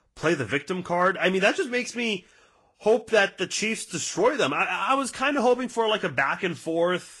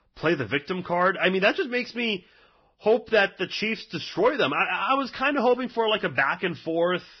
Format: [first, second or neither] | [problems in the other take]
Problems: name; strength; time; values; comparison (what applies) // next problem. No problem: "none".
first | garbled, watery; badly; nothing above 5.5 kHz; slightly in the first